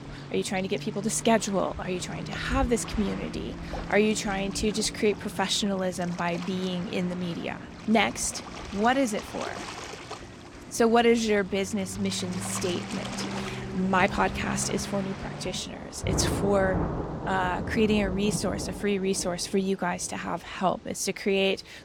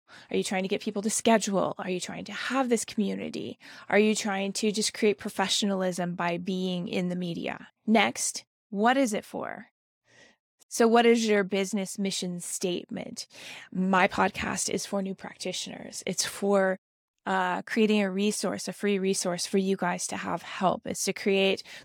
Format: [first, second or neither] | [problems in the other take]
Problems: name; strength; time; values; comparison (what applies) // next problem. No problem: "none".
second | rain or running water; loud; throughout; 9 dB below the speech